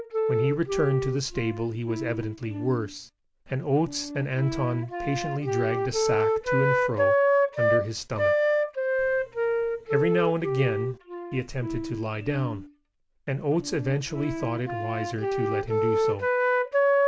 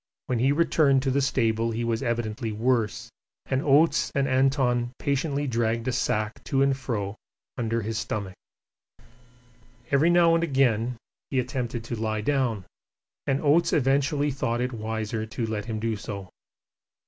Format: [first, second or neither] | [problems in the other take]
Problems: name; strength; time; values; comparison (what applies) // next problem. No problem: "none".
second | background sound (Wind instrument, woodwind instrument); 2 dB above the speech